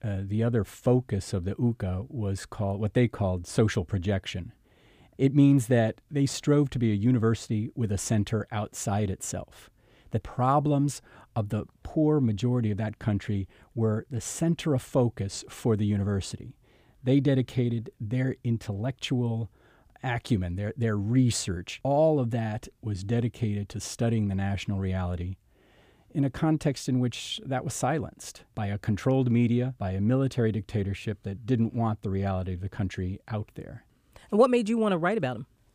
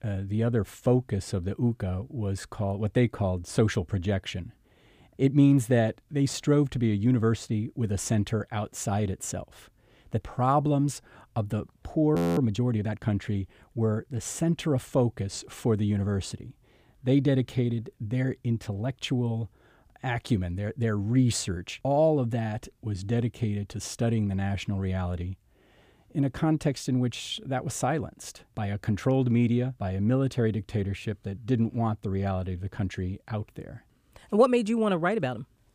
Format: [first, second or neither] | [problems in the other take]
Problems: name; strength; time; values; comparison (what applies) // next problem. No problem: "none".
first | audio freezing; at 12 s